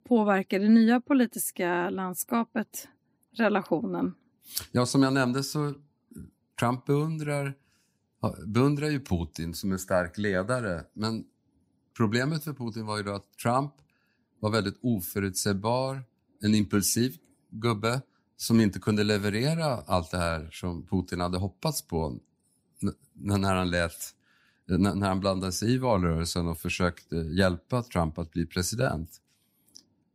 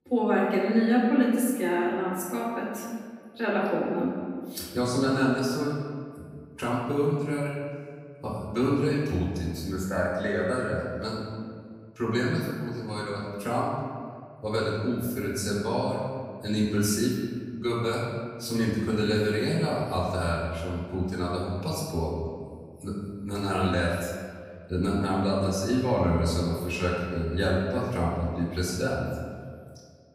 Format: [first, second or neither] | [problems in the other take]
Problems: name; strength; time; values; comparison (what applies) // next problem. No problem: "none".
first | off-mic speech; far // room echo; noticeable; dies away in 1.7 s